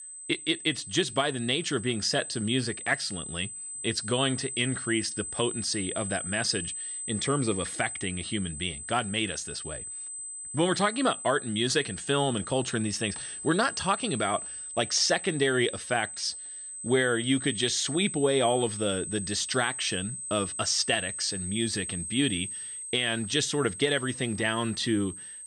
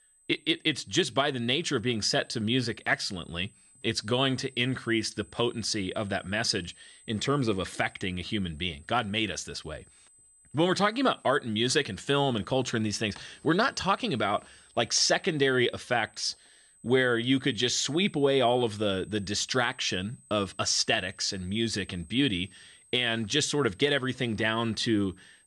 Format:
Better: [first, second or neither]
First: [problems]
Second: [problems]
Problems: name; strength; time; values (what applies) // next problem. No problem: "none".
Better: second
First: high-pitched whine; loud; throughout; 8 kHz, 7 dB below the speech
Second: high-pitched whine; faint; throughout; 8 kHz, 30 dB below the speech